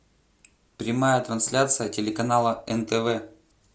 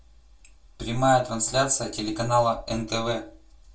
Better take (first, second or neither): first